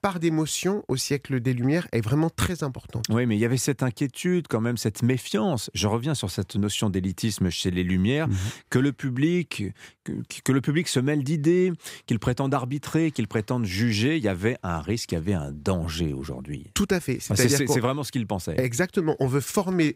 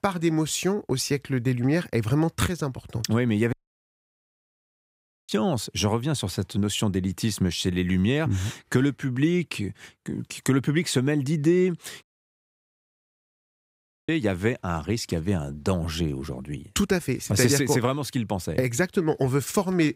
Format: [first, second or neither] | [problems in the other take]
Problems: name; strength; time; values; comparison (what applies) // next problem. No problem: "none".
first | audio cutting out; at 3.5 s for 2 s and at 12 s for 2 s